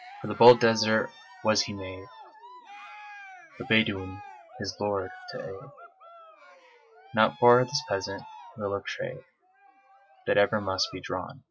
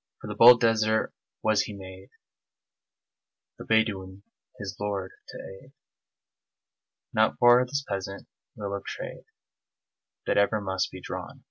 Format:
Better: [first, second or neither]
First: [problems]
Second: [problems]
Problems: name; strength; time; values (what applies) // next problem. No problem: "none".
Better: second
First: noise reduction (classical method log-MMSE)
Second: none